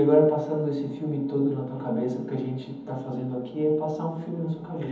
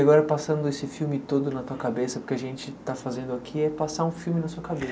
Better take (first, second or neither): second